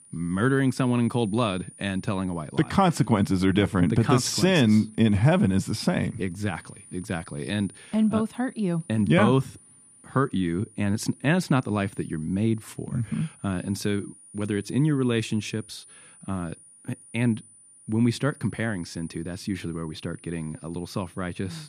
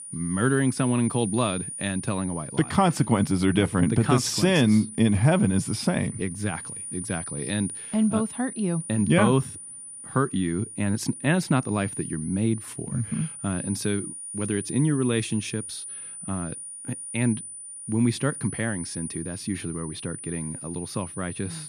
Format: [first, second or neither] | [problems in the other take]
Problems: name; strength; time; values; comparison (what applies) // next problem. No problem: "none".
first | high-pitched whine; loud; throughout; 9.5 kHz, 10 dB below the speech; faint in the first